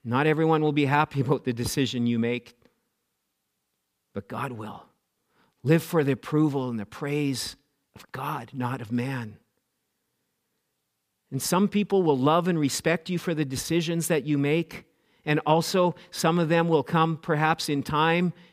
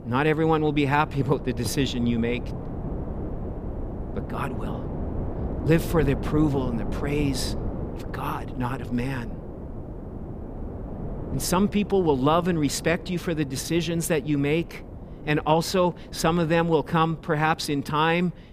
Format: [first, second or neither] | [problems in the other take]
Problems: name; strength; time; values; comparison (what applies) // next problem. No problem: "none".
first | wind noise on the microphone; occasional gusts; 15 dB below the speech